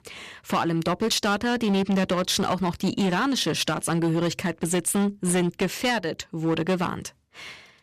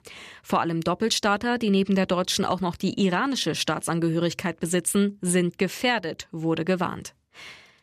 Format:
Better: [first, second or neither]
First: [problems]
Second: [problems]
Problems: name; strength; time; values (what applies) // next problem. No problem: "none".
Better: second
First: distortion; slight; 12% of the sound clipped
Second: none